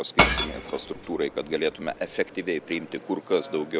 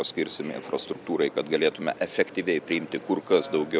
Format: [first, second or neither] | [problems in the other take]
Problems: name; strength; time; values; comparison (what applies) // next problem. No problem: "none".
second | background sound (Shatter / Crushing); 1 dB below the speech